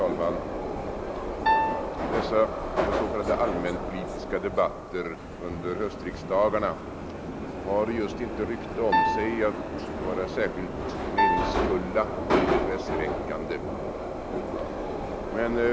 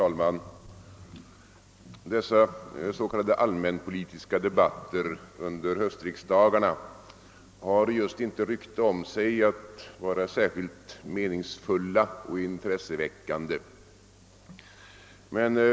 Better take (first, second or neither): second